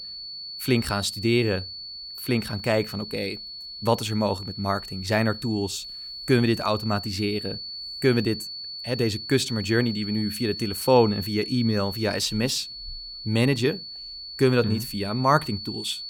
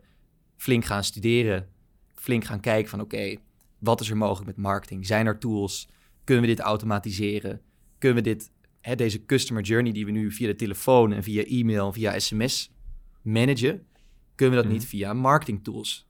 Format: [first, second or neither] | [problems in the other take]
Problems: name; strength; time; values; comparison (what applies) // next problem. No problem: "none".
second | high-pitched whine; loud; throughout; 4.5 kHz, 9 dB below the speech